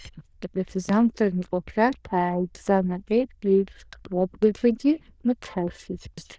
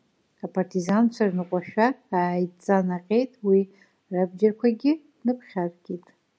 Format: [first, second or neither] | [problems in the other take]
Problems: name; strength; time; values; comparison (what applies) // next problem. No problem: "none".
second | noise reduction (neural diffusion model UNIVERSE++)